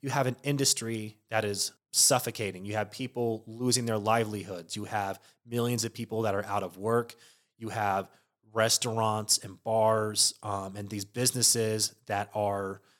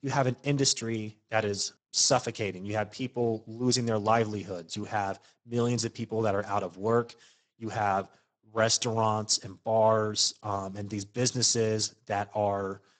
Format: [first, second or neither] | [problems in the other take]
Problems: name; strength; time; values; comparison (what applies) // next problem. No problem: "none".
first | garbled, watery; badly; nothing above 8 kHz